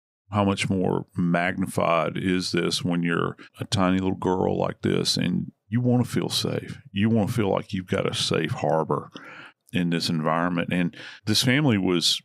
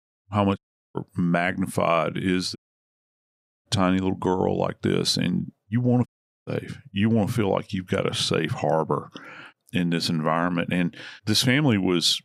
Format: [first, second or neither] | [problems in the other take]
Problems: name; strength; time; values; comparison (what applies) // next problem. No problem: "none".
first | audio cutting out; at 0.5 s, at 2.5 s for 1 s and at 6 s